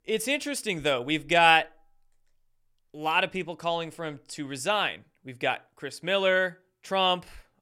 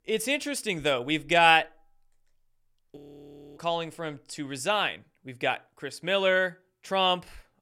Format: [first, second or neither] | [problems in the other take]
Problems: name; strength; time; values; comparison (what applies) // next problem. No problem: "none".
first | audio freezing; at 3 s for 0.5 s